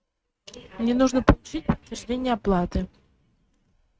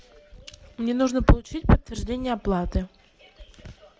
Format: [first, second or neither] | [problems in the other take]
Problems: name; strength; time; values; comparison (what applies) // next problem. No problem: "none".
second | noise reduction (neural mask model RNNoise)